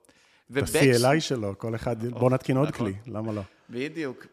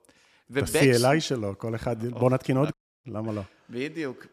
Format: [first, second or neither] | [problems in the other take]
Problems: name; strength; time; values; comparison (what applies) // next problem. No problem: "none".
first | audio cutting out; at 2.5 s